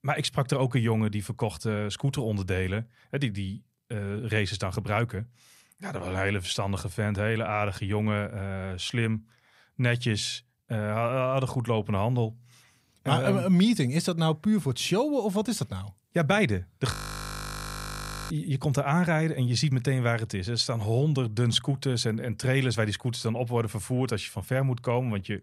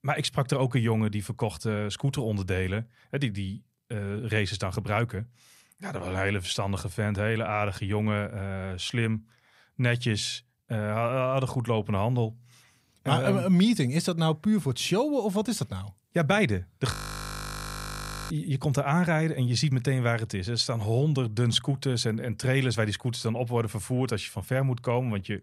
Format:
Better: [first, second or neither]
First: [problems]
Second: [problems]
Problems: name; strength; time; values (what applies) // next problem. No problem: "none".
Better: neither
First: audio freezing; at 17 s for 1.5 s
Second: audio freezing; at 17 s for 1.5 s